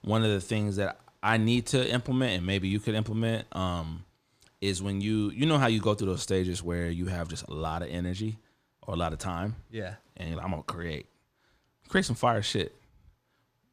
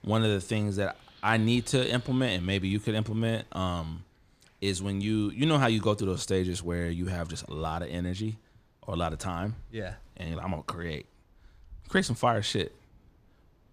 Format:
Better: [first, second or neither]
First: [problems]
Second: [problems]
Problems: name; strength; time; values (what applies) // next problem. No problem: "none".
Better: first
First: none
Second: wind in the background; faint; throughout; 30 dB below the speech